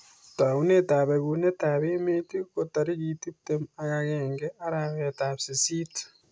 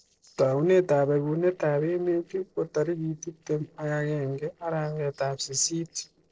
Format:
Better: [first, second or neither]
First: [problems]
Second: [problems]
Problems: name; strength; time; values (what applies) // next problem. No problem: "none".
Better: first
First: none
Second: noise reduction (neural separator model SepFormer DNS4)